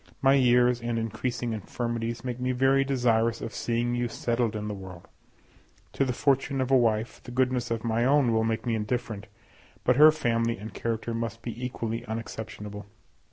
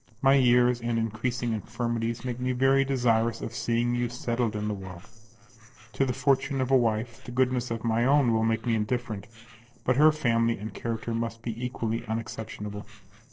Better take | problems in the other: first | noise reduction (neural separator model SepFormer DNS4)

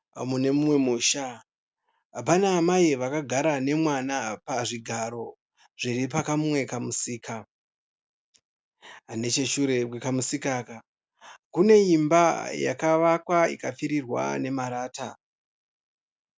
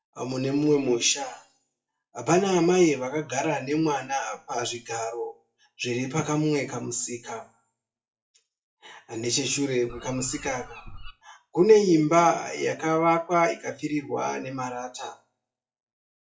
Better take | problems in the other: first | noise reduction (classical method WPE with log-MMSE)

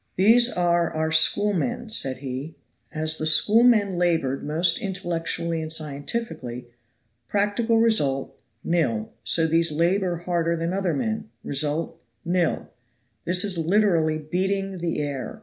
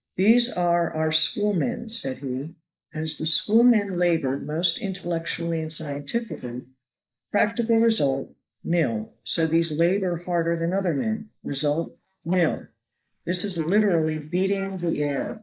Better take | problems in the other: first | noise reduction (neural mask model Resemble Enhance denoiser)

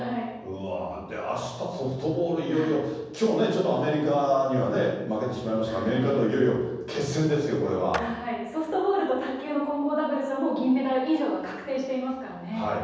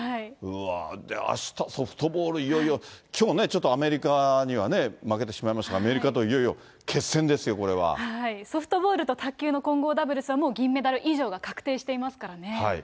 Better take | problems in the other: second | background sound (Clapping); 13 dB below the speech // room echo; dies away in 1.1 s

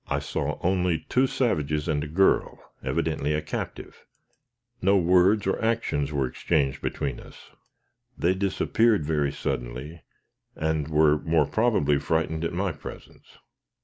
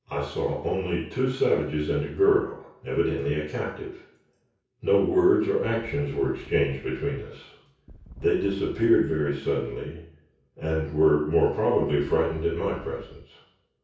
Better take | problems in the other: first | background sound (Wind); 19 dB below the speech // room echo; dies away in 0.6 s

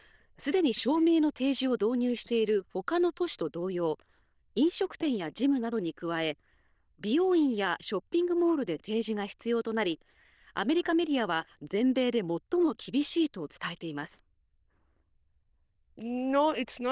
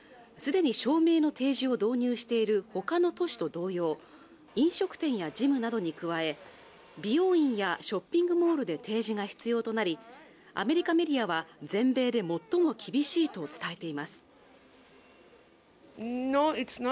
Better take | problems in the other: second | noise reduction (neural diffusion model UNIVERSE++)

